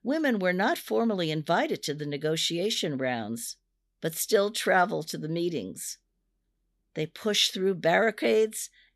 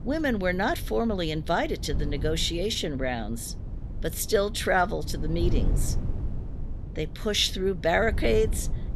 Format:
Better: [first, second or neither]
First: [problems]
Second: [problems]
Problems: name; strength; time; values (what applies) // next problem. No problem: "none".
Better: first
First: none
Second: wind noise on the microphone; occasional gusts; 20 dB below the speech